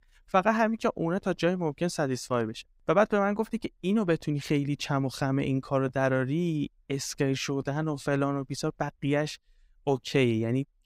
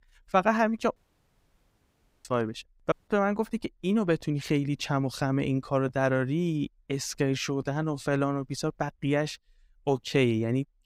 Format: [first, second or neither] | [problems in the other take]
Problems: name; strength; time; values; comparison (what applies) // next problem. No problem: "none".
first | audio cutting out; at 1 s for 1.5 s and at 3 s